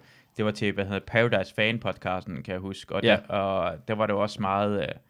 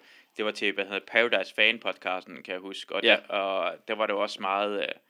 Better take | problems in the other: first | thin; somewhat; fading below 300 Hz

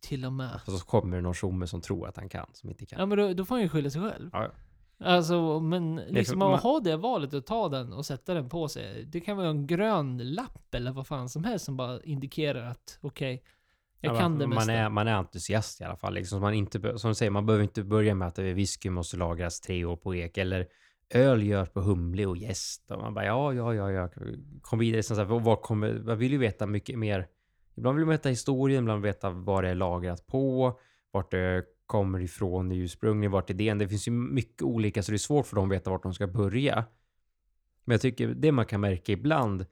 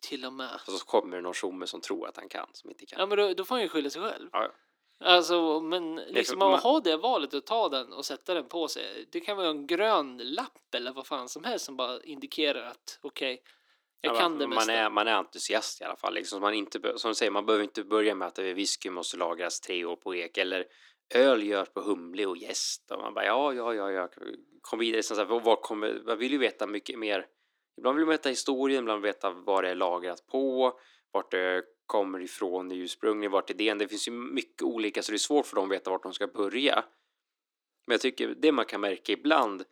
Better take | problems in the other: first | thin; somewhat; fading below 300 Hz

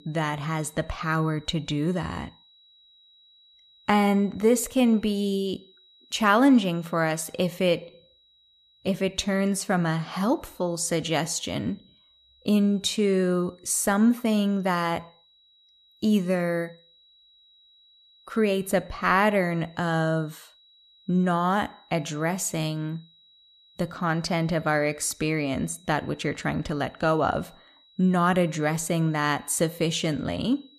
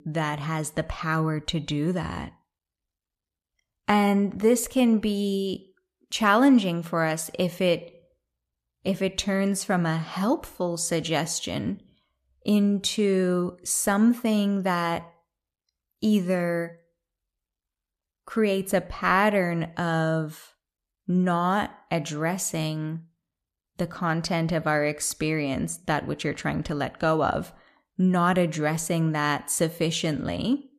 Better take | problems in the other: second | high-pitched whine; faint; throughout; 4 kHz, 30 dB below the speech

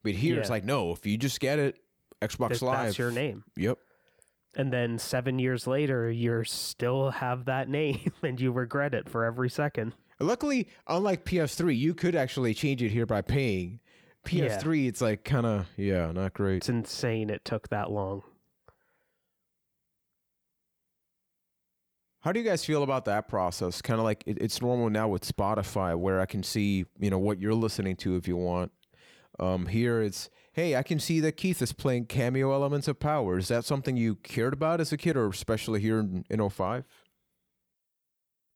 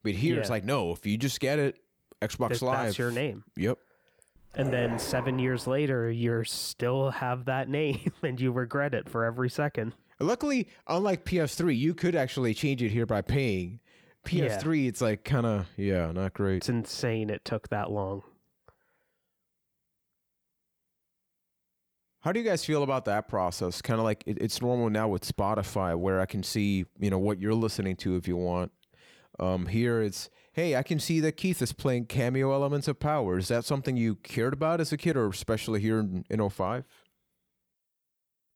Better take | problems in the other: first | dog barking; noticeable; from 4.5 to 5.5 s; peak 6 dB below the speech

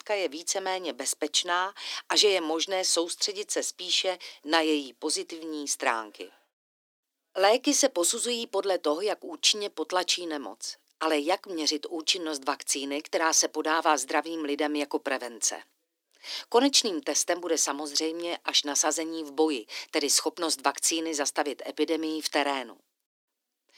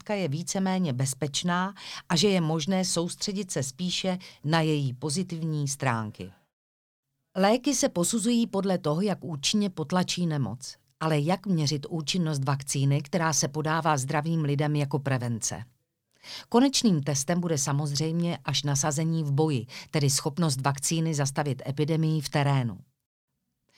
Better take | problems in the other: second | thin; somewhat; fading below 300 Hz

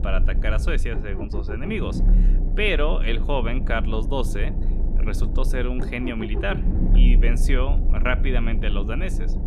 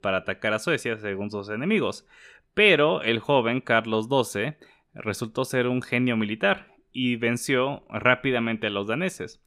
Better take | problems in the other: second | low rumble; loud; throughout; 10 dB below the speech

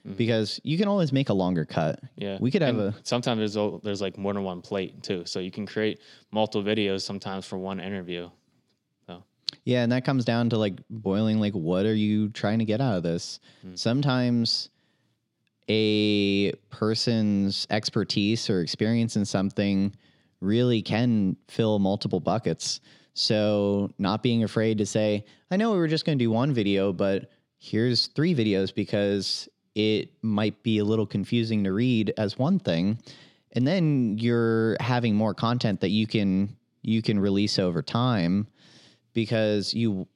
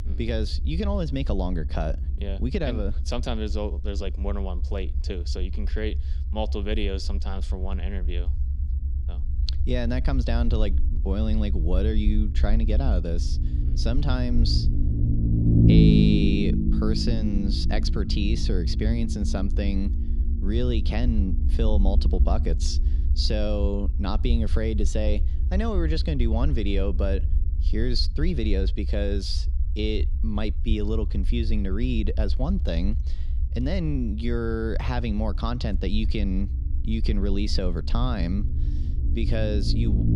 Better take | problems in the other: first | low rumble; loud; throughout; 6 dB below the speech

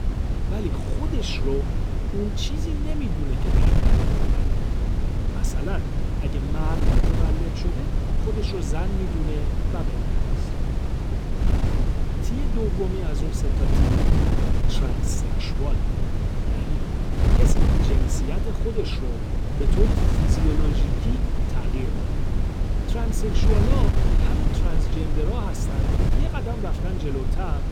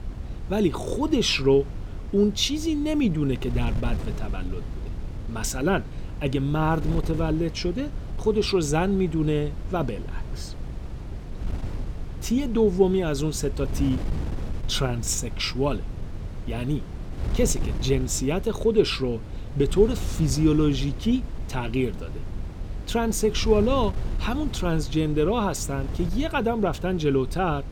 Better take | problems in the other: second | wind noise on the microphone; heavy; 1 dB above the speech; occasional gusts in the second

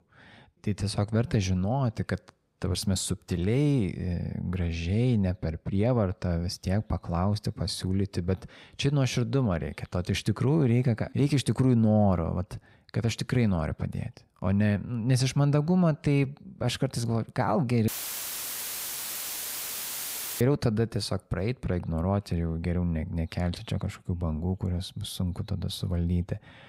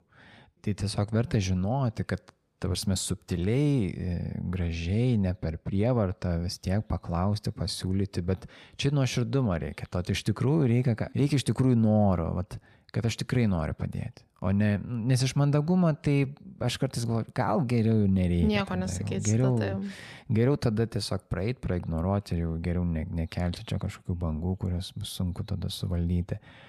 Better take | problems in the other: second | audio cutting out; filled with static; at 18 s for 2.5 s

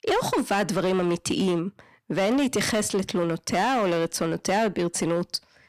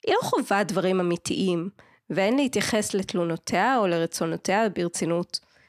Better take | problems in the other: second | distortion; slight; 11% of the sound clipped

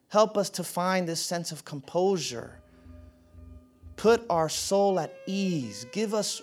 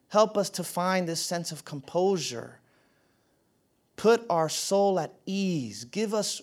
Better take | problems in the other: second | background music; faint; from 2.5 s on; 25 dB below the speech

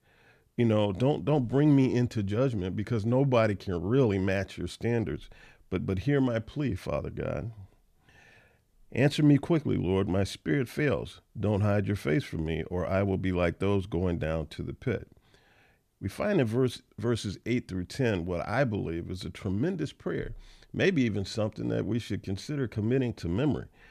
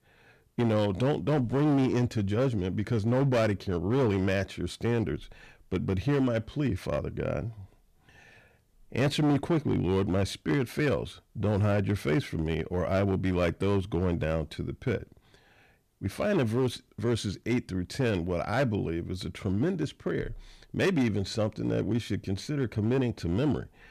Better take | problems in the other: first | distortion; slight; 7% of the sound clipped

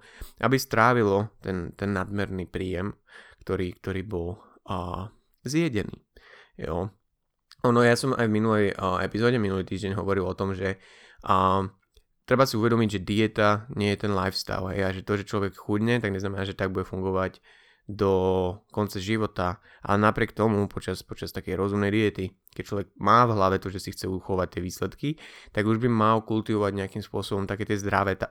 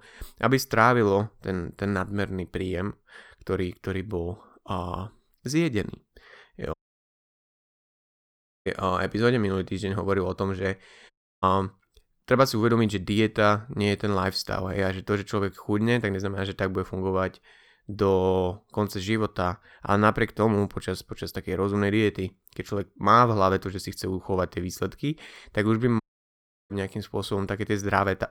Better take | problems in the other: first | audio cutting out; at 6.5 s for 2 s, at 11 s and at 26 s for 0.5 s

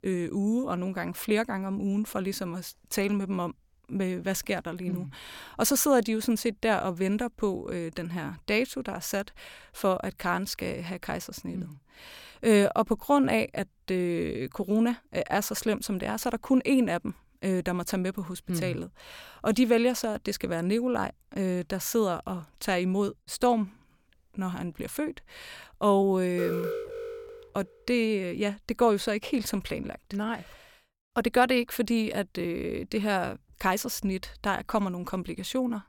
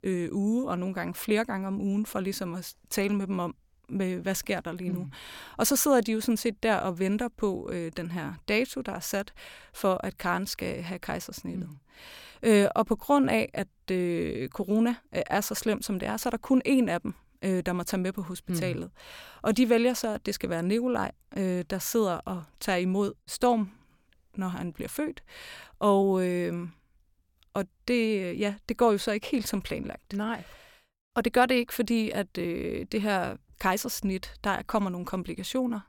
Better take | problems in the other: second | alarm; noticeable; from 26 to 27 s; peak 3 dB below the speech

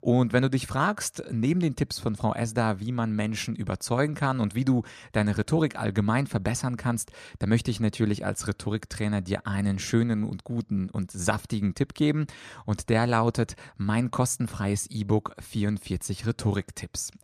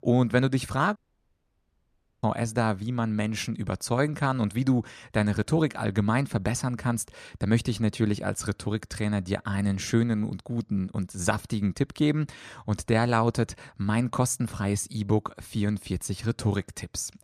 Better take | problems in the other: first | audio cutting out; at 1 s for 1.5 s

